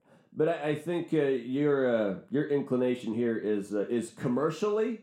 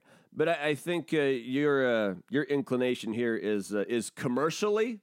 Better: second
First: room echo; slight; dies away in 0.4 s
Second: none

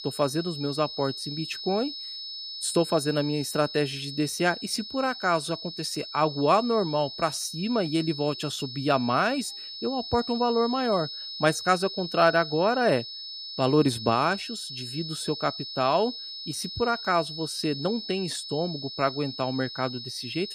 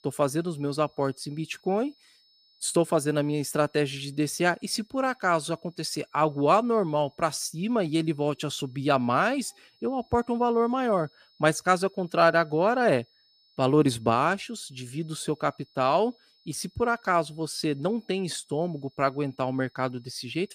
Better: second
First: high-pitched whine; loud; throughout; 5 kHz, 8 dB below the speech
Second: high-pitched whine; faint; throughout; 5 kHz, 35 dB below the speech

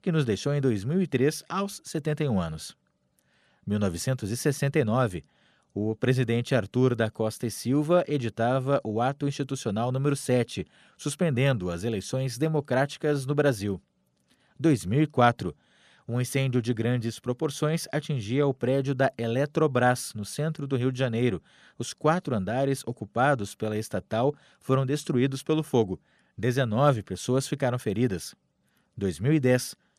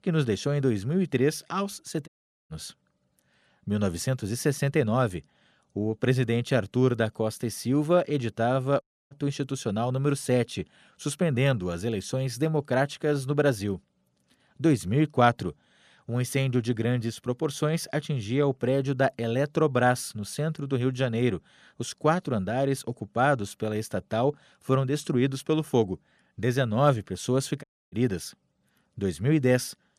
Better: first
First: none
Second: audio cutting out; at 2 s, at 9 s and at 28 s

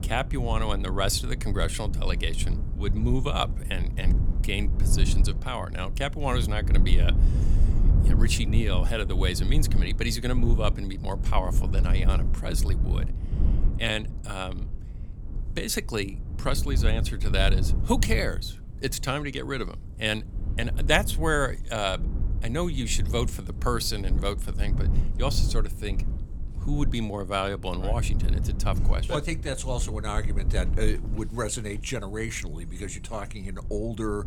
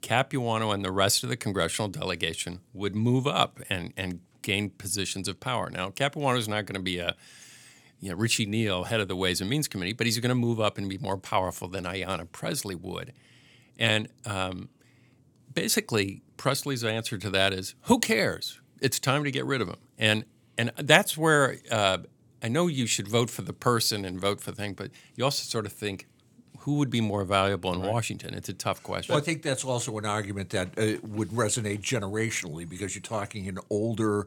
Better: second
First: low rumble; noticeable; throughout; 15 dB below the speech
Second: none

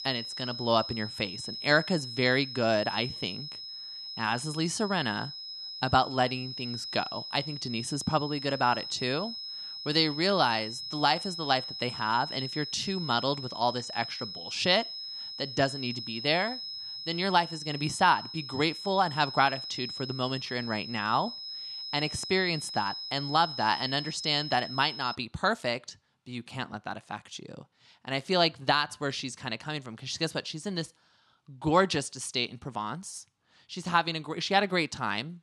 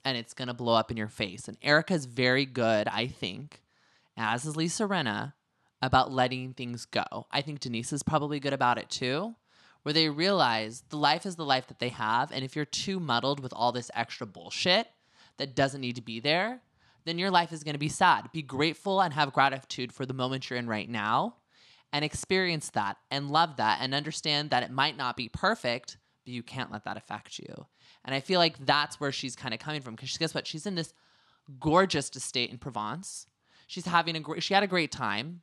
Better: second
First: high-pitched whine; loud; until 25 s; 5 kHz, 8 dB below the speech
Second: none

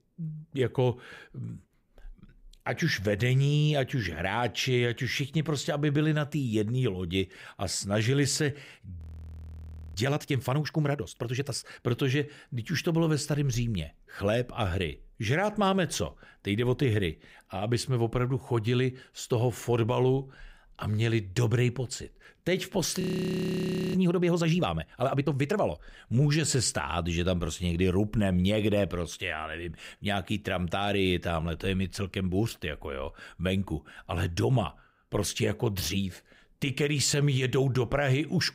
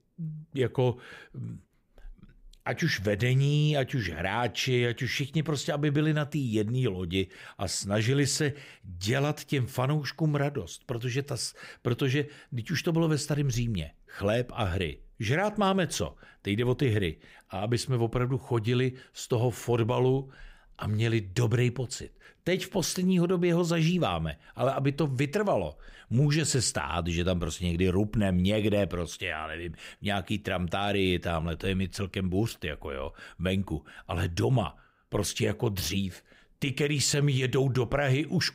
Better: second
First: audio freezing; at 9 s for 1 s and at 23 s for 1 s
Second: none

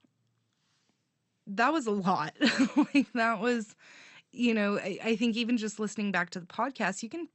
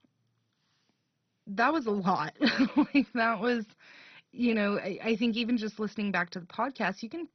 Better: first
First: garbled, watery; slightly; nothing above 8 kHz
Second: garbled, watery; badly; nothing above 6 kHz

